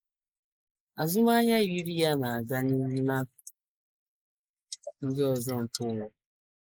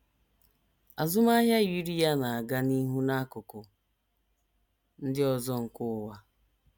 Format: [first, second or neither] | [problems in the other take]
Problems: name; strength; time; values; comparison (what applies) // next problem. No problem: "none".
second | noise reduction (neural mask model Resemble Enhance denoiser)